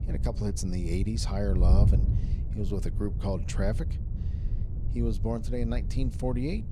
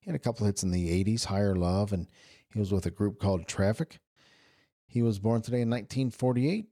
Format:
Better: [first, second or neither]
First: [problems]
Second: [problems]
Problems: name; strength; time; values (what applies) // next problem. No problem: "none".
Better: second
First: wind noise on the microphone; heavy; 10 dB below the speech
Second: none